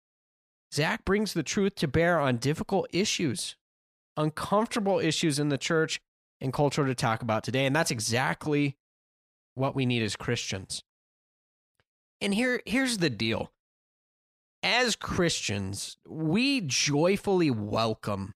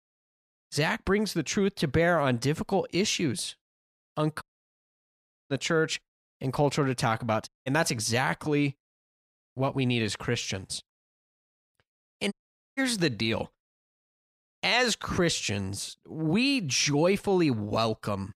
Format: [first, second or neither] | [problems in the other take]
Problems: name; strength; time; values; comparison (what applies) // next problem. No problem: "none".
first | audio cutting out; at 4.5 s for 1 s, at 7.5 s and at 12 s